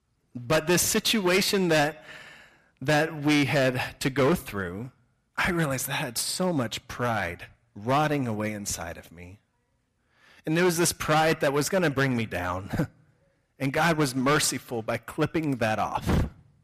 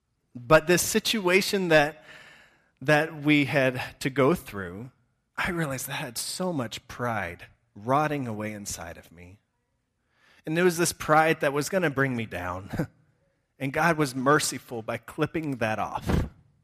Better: second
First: distortion; heavy; 7% of the sound clipped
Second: none

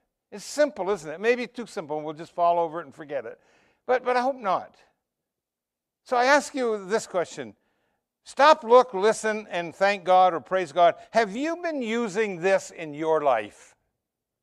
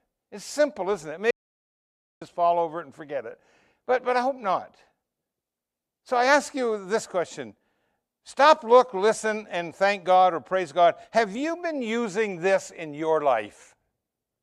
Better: first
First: none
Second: audio cutting out; at 1.5 s for 1 s

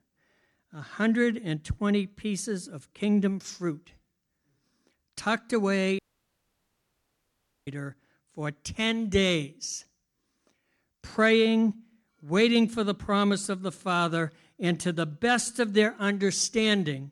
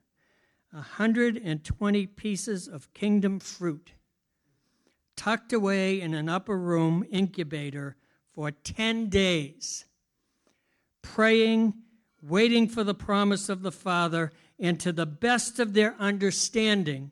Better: second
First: audio cutting out; at 6 s for 1.5 s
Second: none

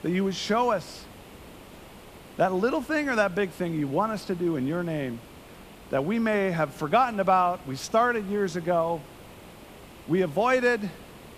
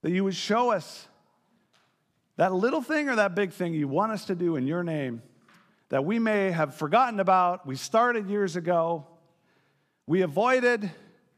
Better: second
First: hiss; faint; throughout; 20 dB below the speech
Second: none

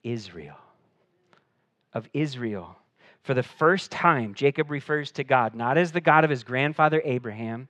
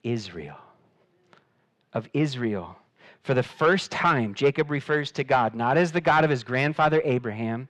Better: first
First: none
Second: distortion; slight; 10 dB below the speech

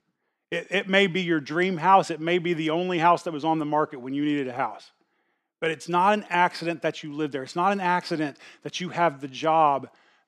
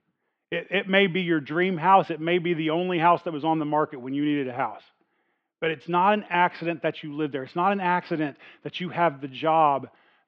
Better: first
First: none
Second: muffled; slightly; fading above 3 kHz

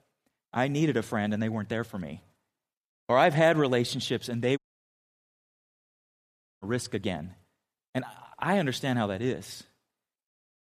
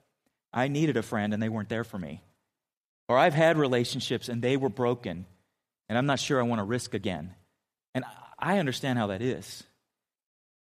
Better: second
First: audio cutting out; at 4.5 s for 2 s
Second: none

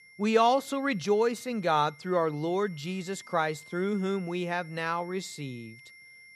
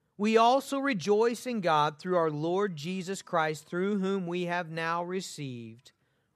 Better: second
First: high-pitched whine; faint; throughout; 2 kHz, 20 dB below the speech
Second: none

